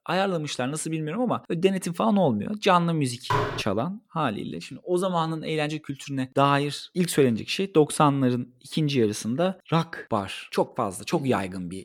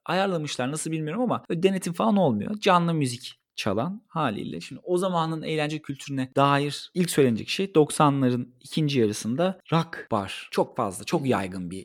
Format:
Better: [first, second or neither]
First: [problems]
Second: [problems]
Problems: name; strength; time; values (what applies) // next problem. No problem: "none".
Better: second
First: clattering dishes; noticeable; at 3.5 s; peak 1 dB below the speech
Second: none